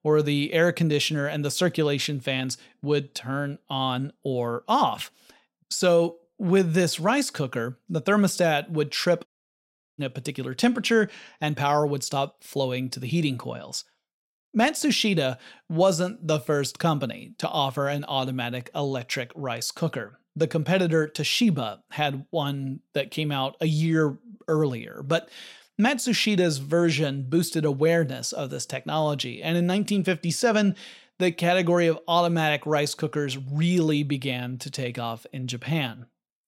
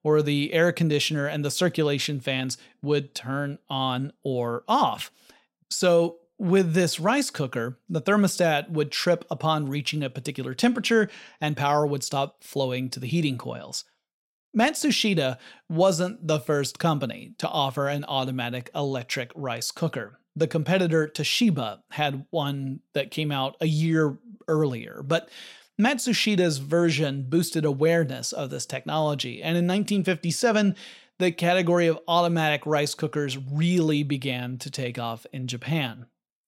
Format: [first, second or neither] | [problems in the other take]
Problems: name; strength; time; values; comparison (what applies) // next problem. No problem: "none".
second | audio cutting out; at 9.5 s for 0.5 s